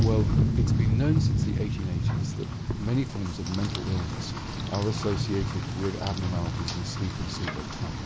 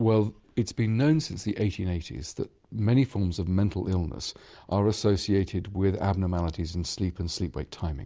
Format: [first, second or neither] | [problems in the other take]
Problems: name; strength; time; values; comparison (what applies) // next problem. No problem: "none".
second | background sound (Rain); 3 dB above the speech